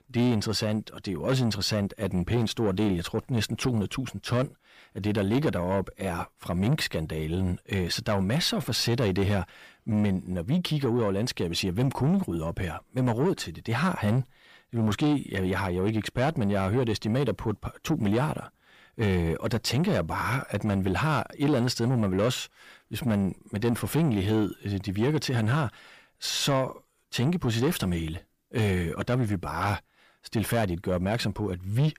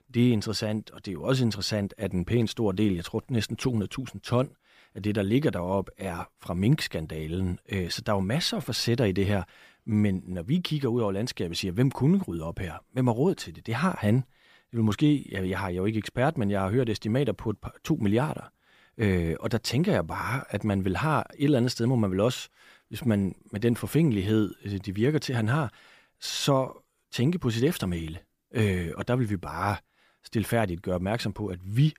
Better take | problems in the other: second | distortion; slight; 10 dB below the speech

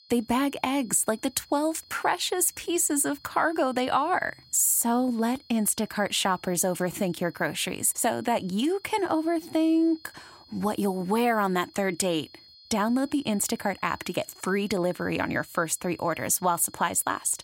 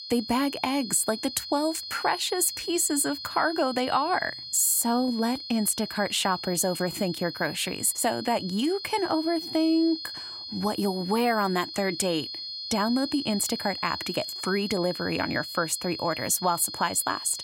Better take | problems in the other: first | high-pitched whine; loud; throughout; 4.5 kHz, 9 dB below the speech; faint in the first

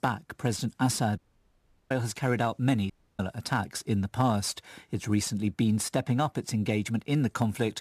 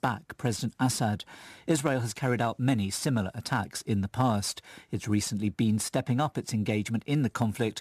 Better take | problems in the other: second | audio cutting out; at 1 s for 0.5 s and at 3 s

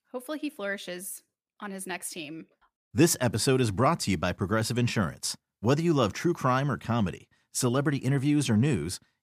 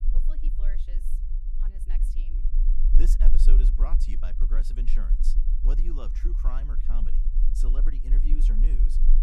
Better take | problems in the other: first | low rumble; loud; throughout; 5 dB below the speech

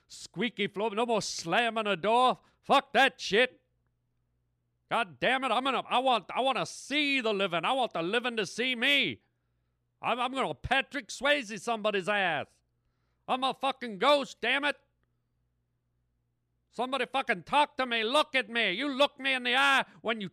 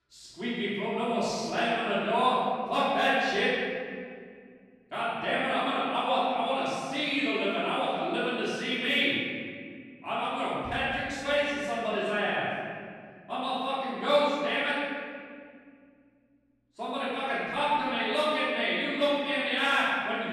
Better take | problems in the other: first | room echo; strong; dies away in 2 s // off-mic speech; far

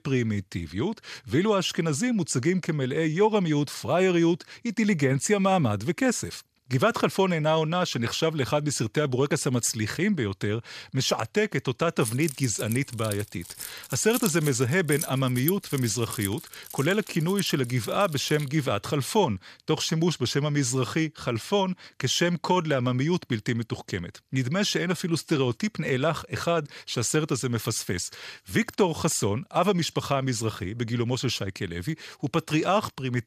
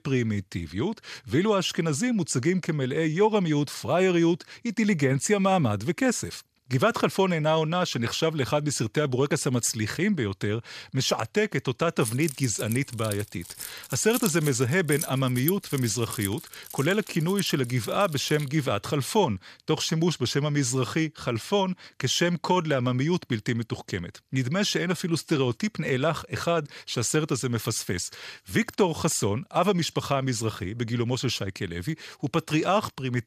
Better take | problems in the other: neither | jangling keys; noticeable; from 12 to 18 s; peak 6 dB below the speech; the same in both

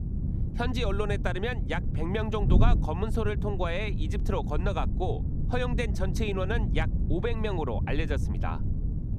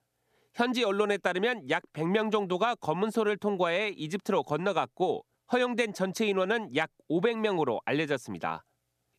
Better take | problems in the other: second | wind noise on the microphone; heavy; 10 dB below the speech

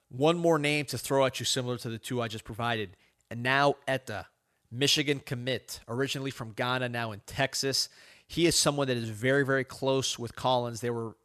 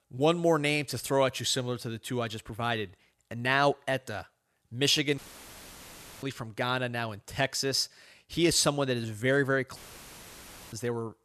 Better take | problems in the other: first | audio cutting out; filled with static; at 5 s for 1 s and at 10 s for 1 s

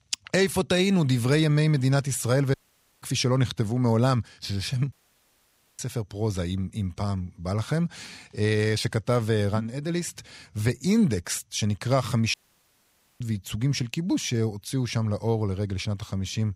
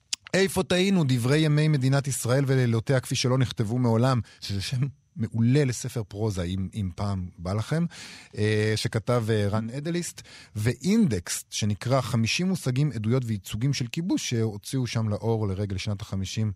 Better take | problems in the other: second | audio cutting out; at 2.5 s, at 5 s for 1 s and at 12 s for 1 s

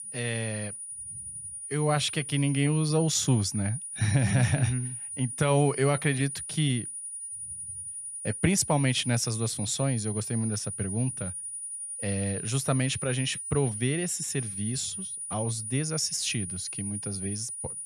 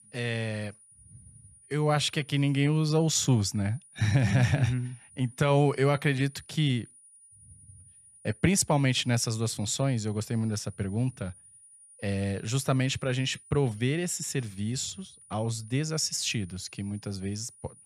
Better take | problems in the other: second | high-pitched whine; loud; throughout; 9.5 kHz, 6 dB below the speech; faint in the second

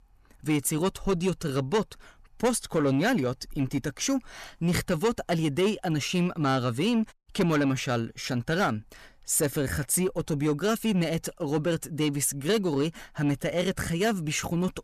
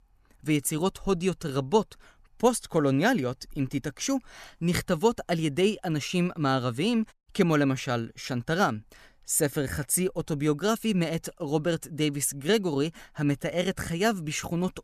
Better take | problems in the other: second | distortion; slight; 10 dB below the speech

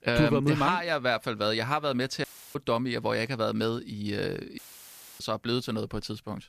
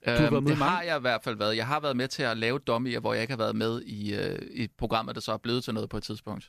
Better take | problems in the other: second | audio cutting out; filled with static; at 2 s and at 4.5 s for 0.5 s

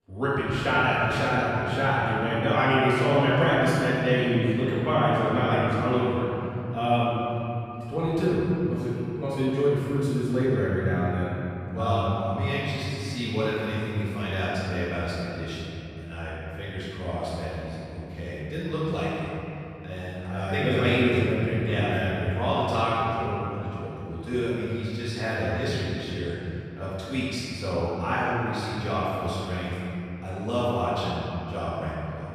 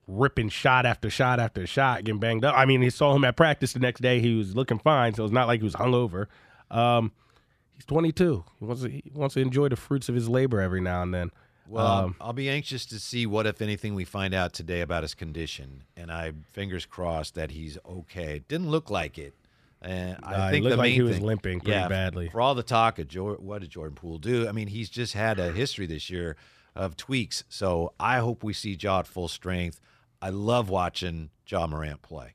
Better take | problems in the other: second | room echo; strong; dies away in 2.9 s // off-mic speech; far

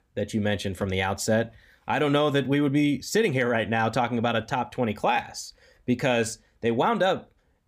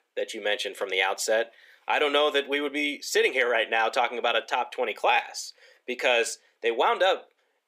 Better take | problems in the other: first | thin; very; fading below 350 Hz

